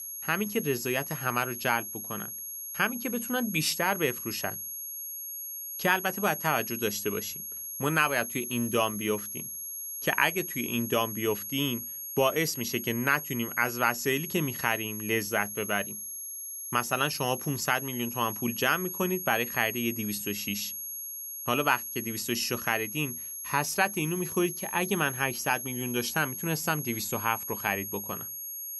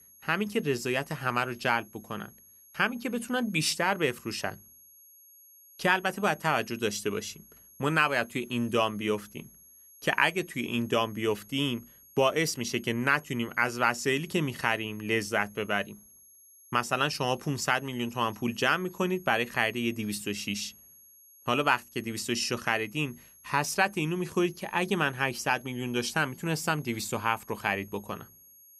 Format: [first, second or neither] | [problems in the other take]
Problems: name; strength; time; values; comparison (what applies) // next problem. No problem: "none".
second | high-pitched whine; loud; throughout; 11.5 kHz, 6 dB below the speech; faint in the second